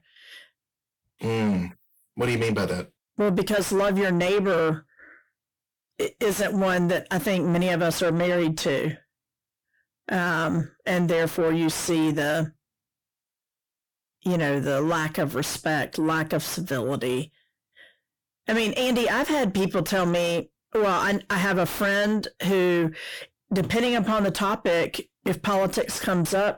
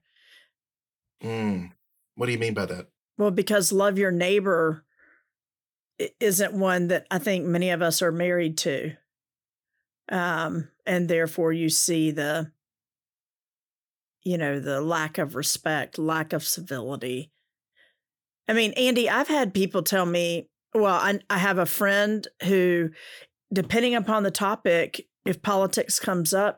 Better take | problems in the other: second | distortion; heavy; 7 dB below the speech

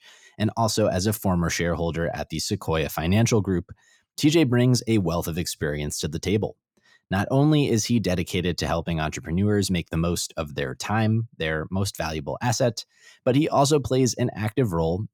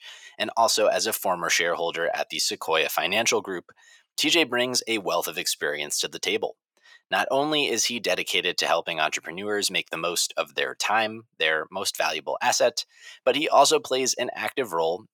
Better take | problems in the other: first | thin; very; fading below 650 Hz

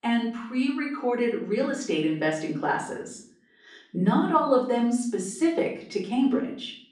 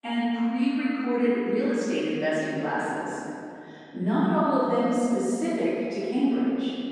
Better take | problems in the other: first | room echo; strong; dies away in 2.6 s; slight in the first // off-mic speech; far; far in the first

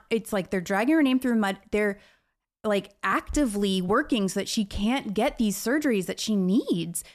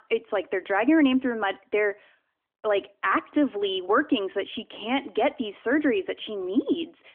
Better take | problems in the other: first | phone-call audio; nothing above 3.5 kHz

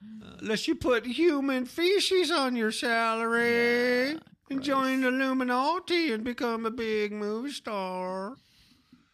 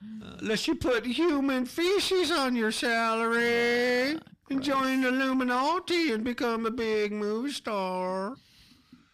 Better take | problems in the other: first | distortion; slight; 10 dB below the speech

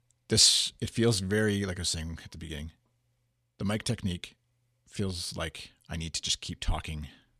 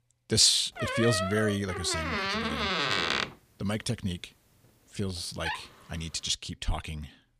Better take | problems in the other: first | door banging; loud; from 1 to 5.5 s; peak 2 dB above the speech

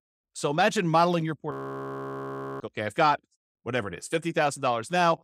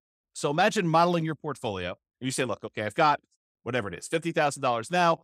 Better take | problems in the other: second | audio freezing; at 1.5 s for 1 s

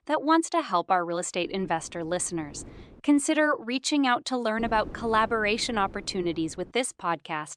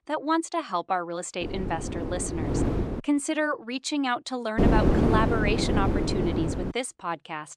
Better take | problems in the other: first | wind noise on the microphone; heavy; from 1.5 to 3 s and from 4.5 to 6.5 s; 2 dB below the speech; occasional gusts in the first

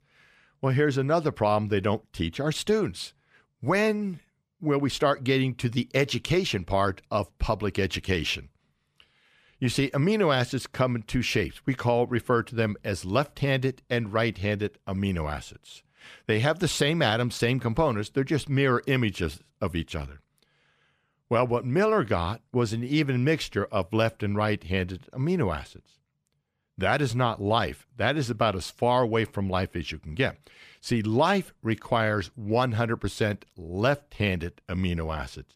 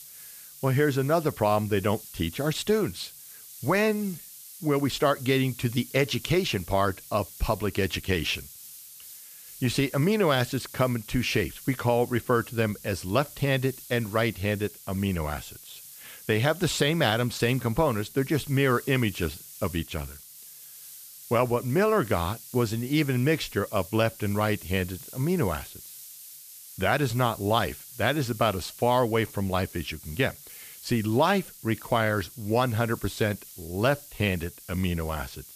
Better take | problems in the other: first | hiss; noticeable; throughout; 15 dB below the speech

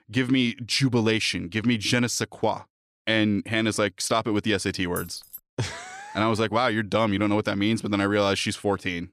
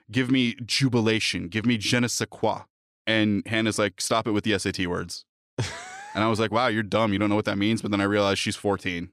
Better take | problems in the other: second | jangling keys; faint; at 5 s; peak 15 dB below the speech

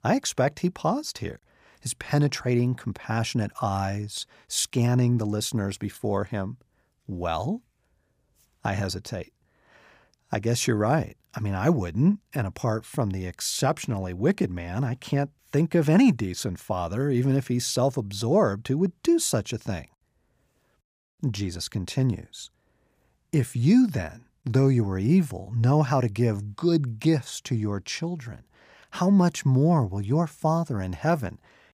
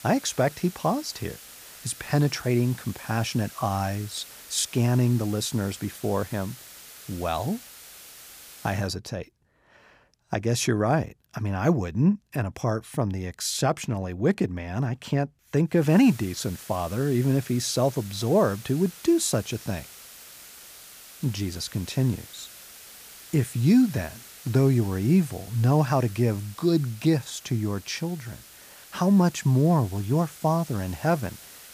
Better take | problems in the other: first | hiss; noticeable; until 9 s and from 16 s on; 20 dB below the speech

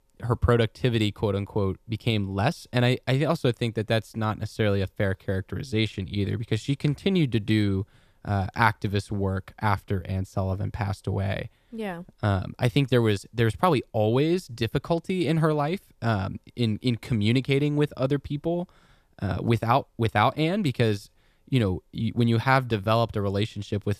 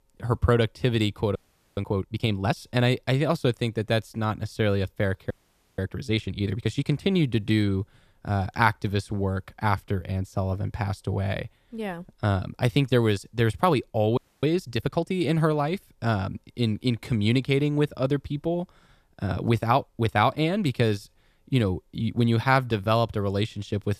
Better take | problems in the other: first | audio freezing; at 1.5 s, at 5.5 s and at 14 s

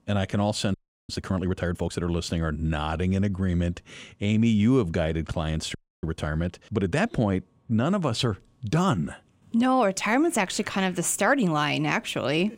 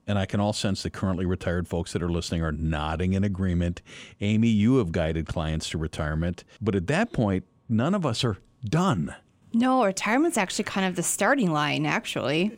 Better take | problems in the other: second | audio freezing; at 0.5 s and at 6 s

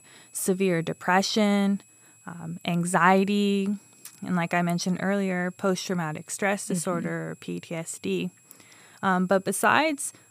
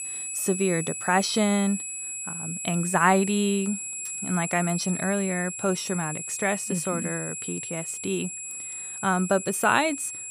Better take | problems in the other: first | high-pitched whine; loud; throughout; 7.5 kHz, 6 dB below the speech; faint in the first

